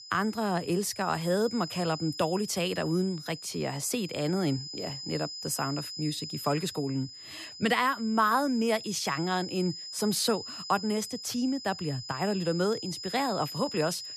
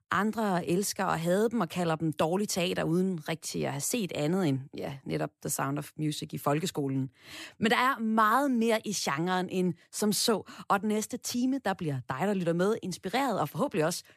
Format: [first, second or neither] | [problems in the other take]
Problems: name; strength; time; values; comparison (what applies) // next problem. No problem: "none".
second | high-pitched whine; loud; throughout; 5 kHz, 9 dB below the speech